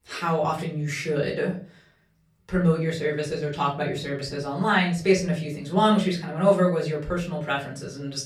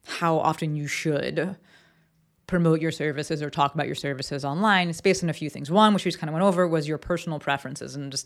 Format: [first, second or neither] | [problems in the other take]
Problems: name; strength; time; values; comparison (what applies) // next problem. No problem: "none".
second | room echo; slight; dies away in 0.3 s // off-mic speech; far